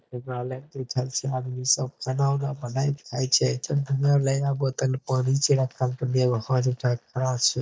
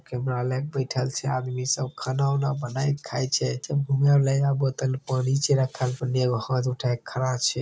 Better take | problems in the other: second | noise reduction (neural mask model DeepFilterNet 3)

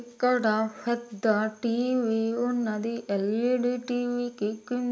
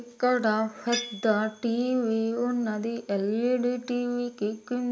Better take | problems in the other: first | background sound (Tools); 15 dB below the speech

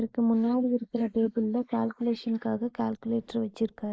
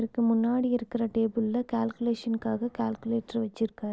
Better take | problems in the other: second | noise reduction (neural mask model Resemble Enhance denoiser)

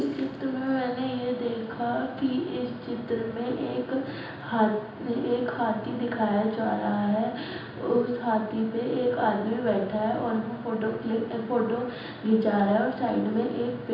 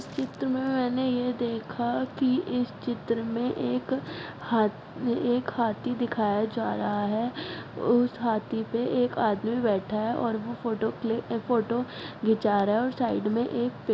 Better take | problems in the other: second | room echo; dies away in 0.9 s

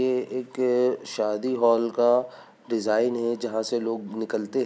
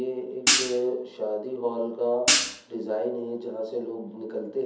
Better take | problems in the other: first | background sound (Hi-hat); 4 dB above the speech // room echo; dies away in 0.7 s

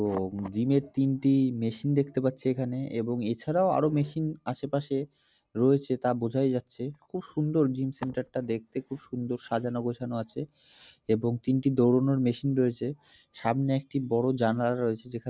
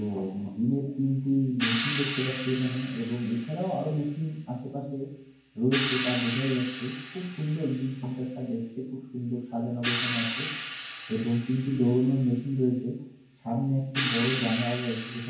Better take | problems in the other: first | background sound (Hi-hat); 8 dB below the speech // room echo; dies away in 0.9 s

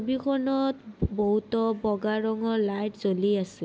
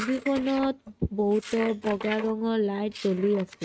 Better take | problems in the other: first | noise reduction (neural mask model RNNoise)

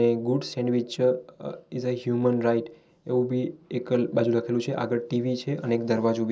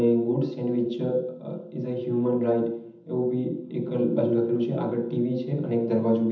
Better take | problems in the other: first | room echo; dies away in 0.8 s

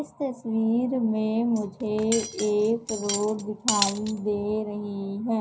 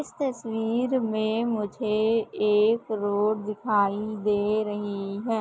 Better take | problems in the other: second | background sound (Cutlery, silverware); 8 dB below the speech // room echo; dies away in 0.4 s

